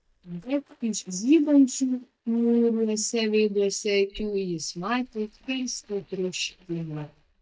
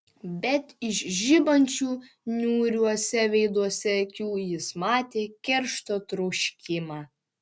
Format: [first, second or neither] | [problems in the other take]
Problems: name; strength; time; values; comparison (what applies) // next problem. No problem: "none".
second | noise reduction (neural mask model DeepFilterNet 3)